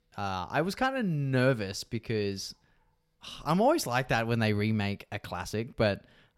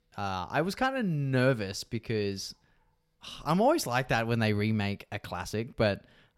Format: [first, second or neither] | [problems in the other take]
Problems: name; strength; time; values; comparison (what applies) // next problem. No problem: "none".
neither | none